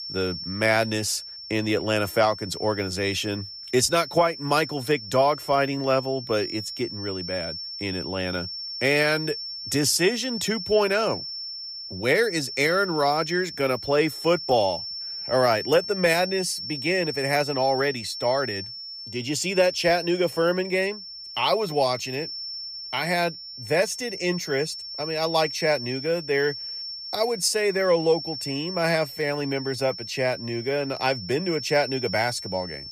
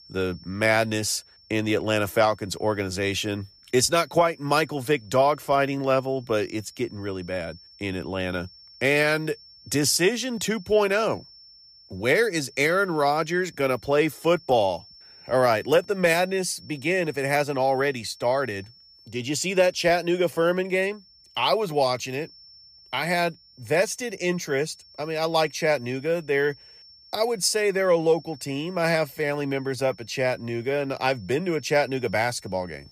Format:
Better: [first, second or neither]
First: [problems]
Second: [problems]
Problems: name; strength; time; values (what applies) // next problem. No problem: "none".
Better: second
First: high-pitched whine; loud; throughout; 5.5 kHz, 8 dB below the speech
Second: high-pitched whine; faint; throughout; 5.5 kHz, 25 dB below the speech